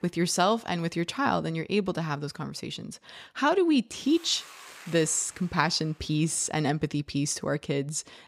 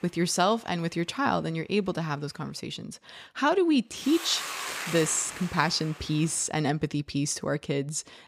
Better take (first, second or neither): first